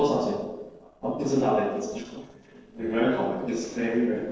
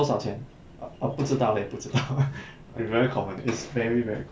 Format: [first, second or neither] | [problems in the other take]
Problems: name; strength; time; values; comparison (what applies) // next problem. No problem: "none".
second | noise reduction (neural separator model SepFormer DNS4)